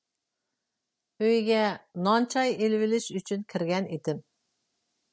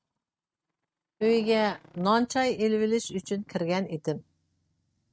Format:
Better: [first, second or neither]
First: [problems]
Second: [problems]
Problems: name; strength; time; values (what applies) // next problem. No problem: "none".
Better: first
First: none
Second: noise reduction (neural mask model RNNoise)